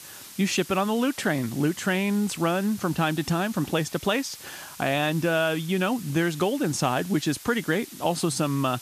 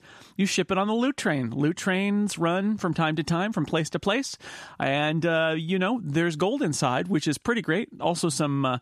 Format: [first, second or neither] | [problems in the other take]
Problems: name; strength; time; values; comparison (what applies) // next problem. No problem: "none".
second | hiss; noticeable; throughout; 15 dB below the speech